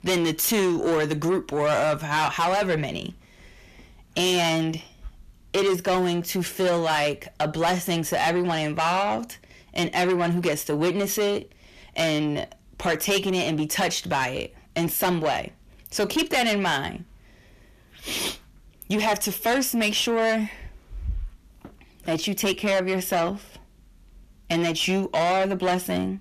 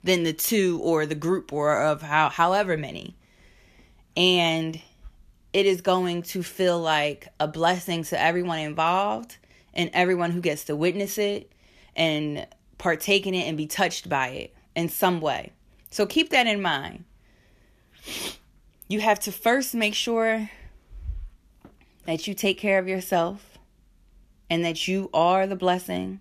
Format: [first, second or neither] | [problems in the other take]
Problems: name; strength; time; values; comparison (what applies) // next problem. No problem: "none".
second | distortion; heavy; 7 dB below the speech